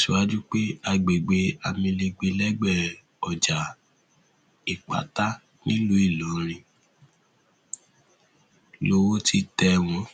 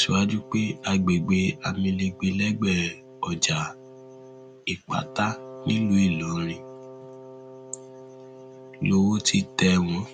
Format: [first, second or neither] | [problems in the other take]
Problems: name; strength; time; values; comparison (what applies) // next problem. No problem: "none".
first | background sound (Wind instrument, woodwind instrument); 18 dB below the speech